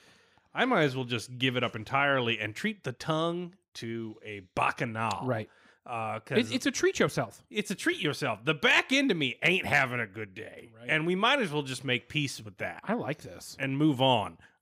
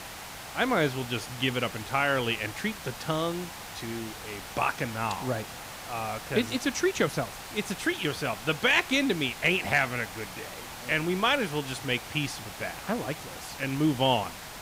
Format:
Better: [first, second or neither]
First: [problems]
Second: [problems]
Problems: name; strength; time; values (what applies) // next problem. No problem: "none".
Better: first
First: none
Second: hiss; noticeable; throughout; 10 dB below the speech